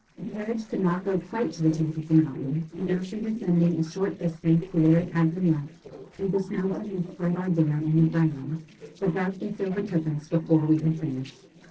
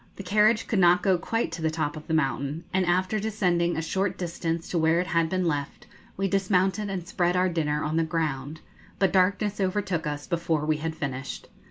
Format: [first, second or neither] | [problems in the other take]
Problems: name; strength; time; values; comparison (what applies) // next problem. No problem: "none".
second | noise reduction (neural separator model SepFormer DNS4)